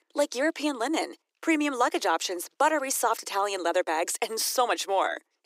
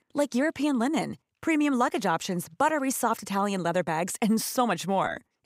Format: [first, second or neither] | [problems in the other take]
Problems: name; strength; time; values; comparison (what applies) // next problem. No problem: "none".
second | thin; somewhat; fading below 300 Hz